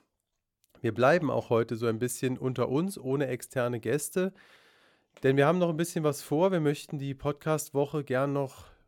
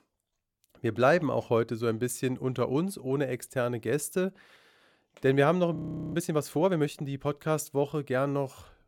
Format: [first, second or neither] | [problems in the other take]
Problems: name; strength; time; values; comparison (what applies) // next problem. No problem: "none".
first | audio freezing; at 6 s